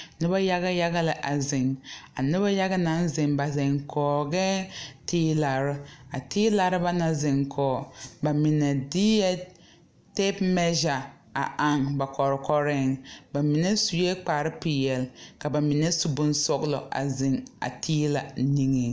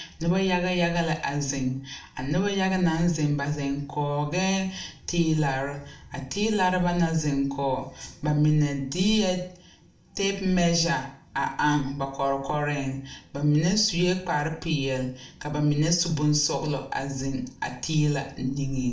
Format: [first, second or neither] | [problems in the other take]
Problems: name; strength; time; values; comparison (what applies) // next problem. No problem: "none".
first | room echo; dies away in 0.4 s